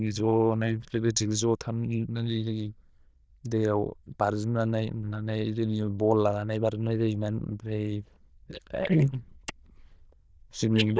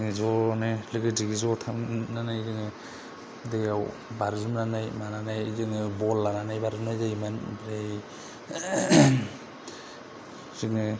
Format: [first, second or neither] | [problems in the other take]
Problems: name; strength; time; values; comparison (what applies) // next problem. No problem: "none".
second | noise reduction (neural diffusion model UNIVERSE++)